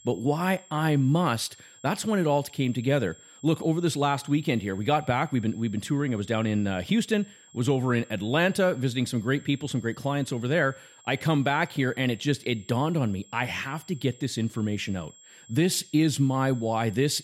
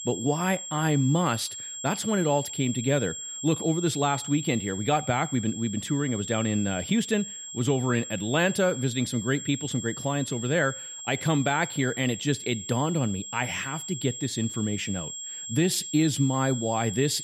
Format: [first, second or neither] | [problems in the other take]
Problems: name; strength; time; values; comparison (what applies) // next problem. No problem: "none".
first | high-pitched whine; loud; throughout; 7.5 kHz, 8 dB below the speech; faint in the first